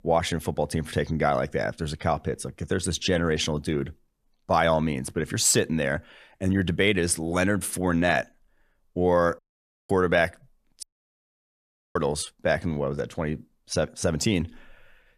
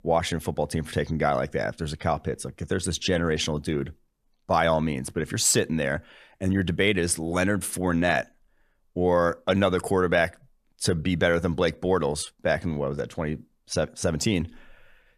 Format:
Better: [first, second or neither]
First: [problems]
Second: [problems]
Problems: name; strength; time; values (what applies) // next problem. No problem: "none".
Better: second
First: audio cutting out; at 9.5 s for 0.5 s and at 11 s for 1 s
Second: none